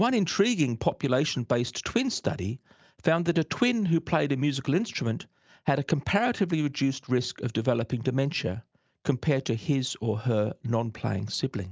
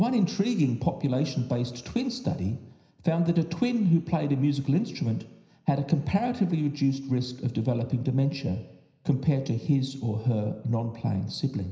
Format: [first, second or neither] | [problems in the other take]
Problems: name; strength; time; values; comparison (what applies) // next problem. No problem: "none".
first | room echo; dies away in 0.9 s